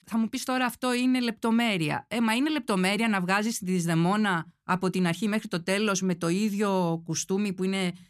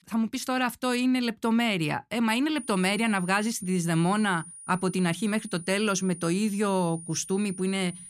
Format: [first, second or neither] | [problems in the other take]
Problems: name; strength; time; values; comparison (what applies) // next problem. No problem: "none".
first | high-pitched whine; noticeable; from 2.5 s on; 9.5 kHz, 15 dB below the speech